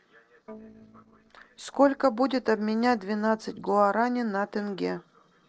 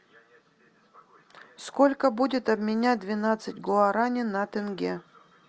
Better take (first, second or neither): second